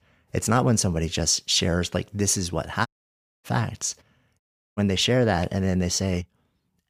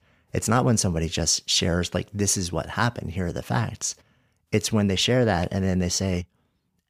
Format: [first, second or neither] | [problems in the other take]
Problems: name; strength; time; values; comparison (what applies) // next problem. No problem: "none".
second | audio cutting out; at 3 s for 0.5 s and at 4.5 s